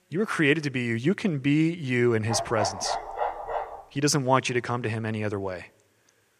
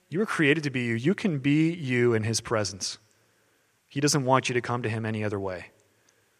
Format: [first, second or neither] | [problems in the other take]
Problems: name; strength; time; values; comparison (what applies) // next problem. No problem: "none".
second | dog barking; noticeable; from 2.5 to 4 s; peak 4 dB below the speech